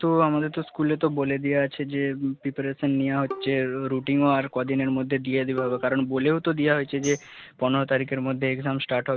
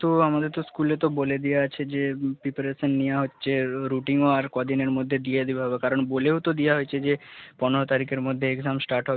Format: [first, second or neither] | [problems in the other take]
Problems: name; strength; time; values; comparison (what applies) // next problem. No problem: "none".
second | background sound (Bowed string instrument + Tambourine); 17 dB below the speech